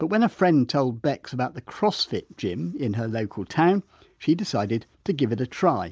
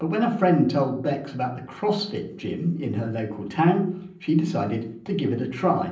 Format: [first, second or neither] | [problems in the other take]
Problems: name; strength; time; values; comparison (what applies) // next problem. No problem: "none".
first | room echo; dies away in 0.6 s